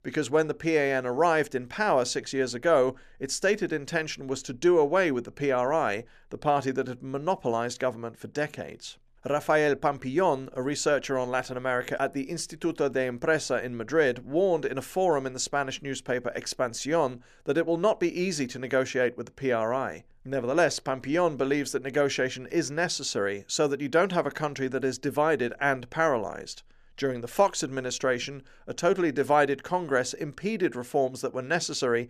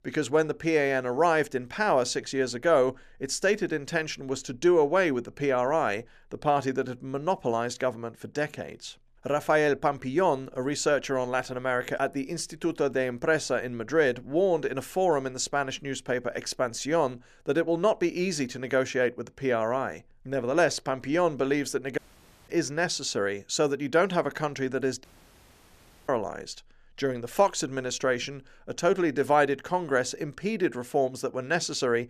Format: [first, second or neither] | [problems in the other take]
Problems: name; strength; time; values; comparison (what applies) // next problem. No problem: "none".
first | audio cutting out; at 22 s for 0.5 s and at 25 s for 1 s